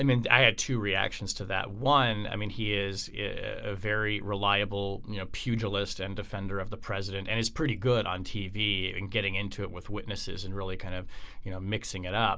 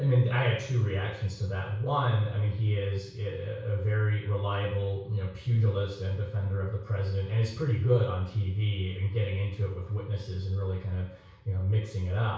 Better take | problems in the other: first | room echo; dies away in 0.6 s

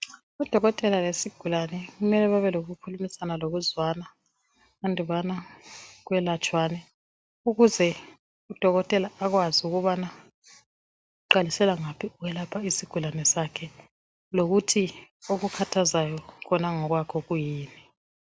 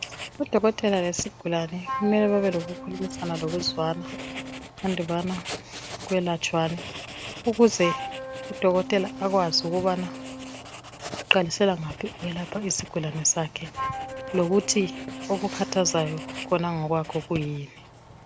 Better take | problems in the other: first | background sound (Writing + Wind instrument, woodwind instrument); 11 dB below the speech

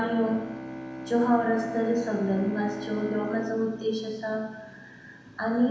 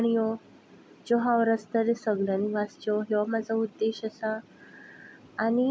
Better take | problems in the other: second | background sound (Bowed string instrument); 11 dB below the speech // room echo; dies away in 1.1 s

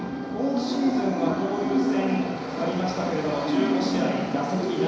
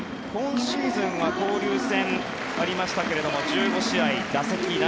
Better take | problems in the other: second | background sound (Wind instrument, woodwind instrument); 18 dB below the speech // room echo; dies away in 1 s

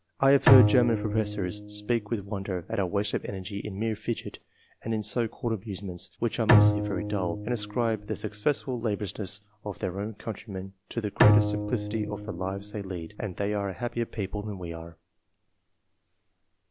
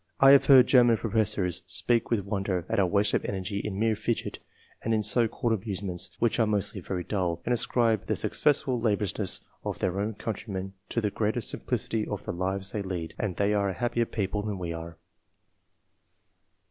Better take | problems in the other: second | background sound (Bowed string instrument); 1 dB above the speech

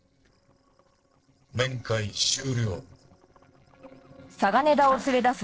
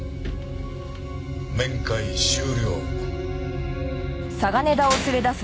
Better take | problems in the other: second | noise reduction (neural separator model SepFormer DNS4)

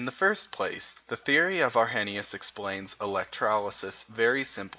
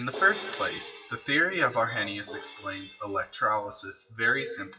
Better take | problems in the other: first | noise reduction (classical method WPE with log-MMSE)

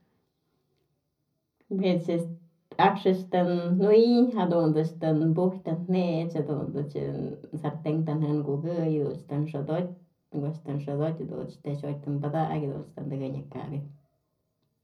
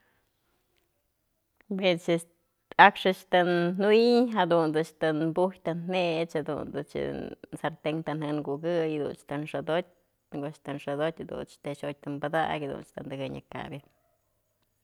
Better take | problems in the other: second | room echo; dies away in 0.4 s

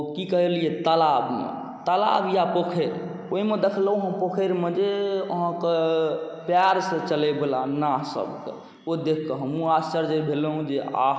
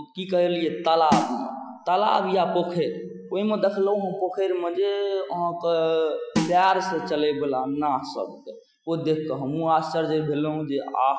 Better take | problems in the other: first | noise reduction (classical method Wiener filter)

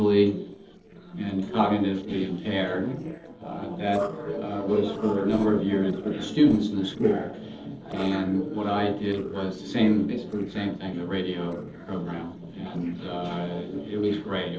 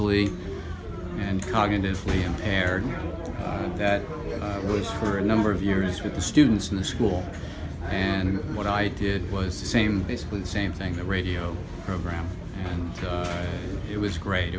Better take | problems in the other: second | noise reduction (neural separator model SepFormer DNS4)

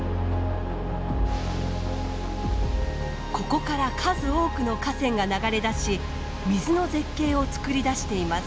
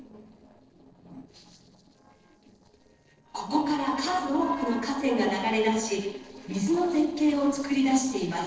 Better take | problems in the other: first | noise reduction (neural separator model SepFormer DNS4)

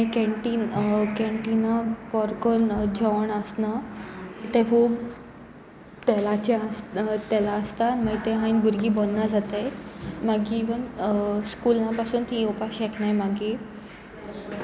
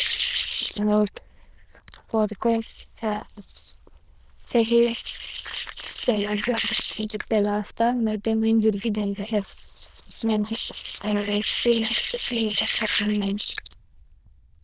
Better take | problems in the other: first | noise reduction (neural diffusion model UNIVERSE++)

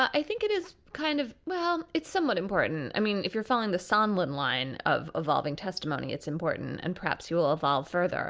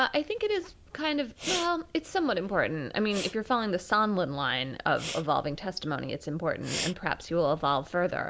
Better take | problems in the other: first | background sound (Respiratory sounds); 13 dB below the speech

